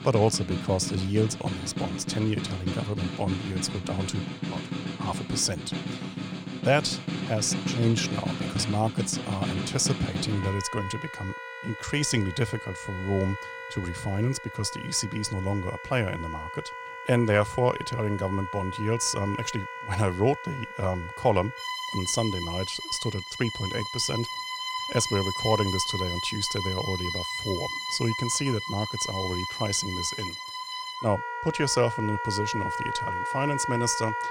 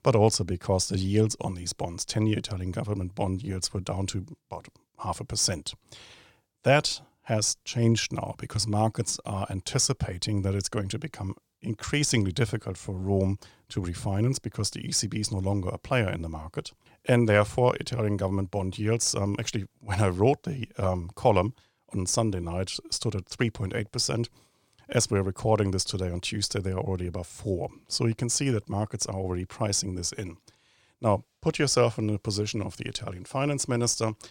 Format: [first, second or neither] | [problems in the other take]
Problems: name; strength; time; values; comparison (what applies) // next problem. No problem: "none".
second | background music; loud; throughout; 4 dB below the speech